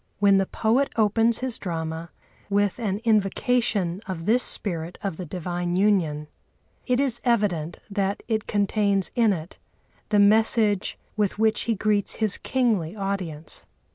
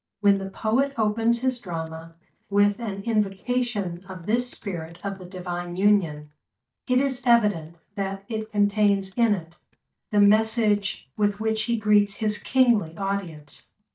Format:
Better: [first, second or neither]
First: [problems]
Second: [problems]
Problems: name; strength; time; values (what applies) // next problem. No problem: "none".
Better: first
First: none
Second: noise reduction (neural mask model DeepFilterNet 3)